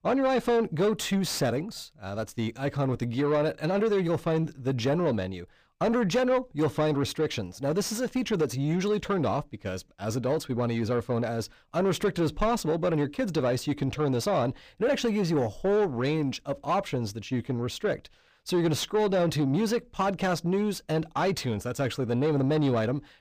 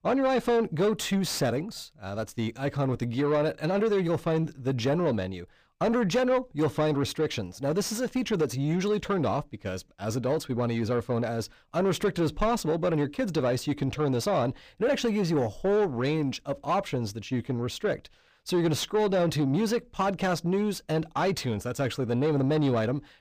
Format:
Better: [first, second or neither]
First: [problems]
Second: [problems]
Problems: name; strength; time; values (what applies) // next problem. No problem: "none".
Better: neither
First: distortion; slight; 10 dB below the speech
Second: distortion; slight; 10 dB below the speech